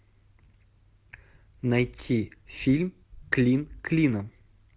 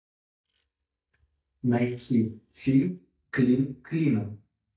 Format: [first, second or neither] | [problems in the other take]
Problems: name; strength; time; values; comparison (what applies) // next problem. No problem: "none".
first | noise reduction (neural mask model DeepFilterNet 3)